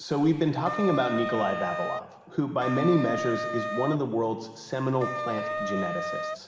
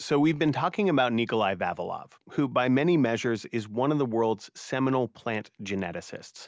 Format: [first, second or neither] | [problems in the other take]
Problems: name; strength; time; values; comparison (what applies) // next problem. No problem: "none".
second | background sound (Wind instrument, woodwind instrument); 4 dB below the speech // room echo; dies away in 1.6 s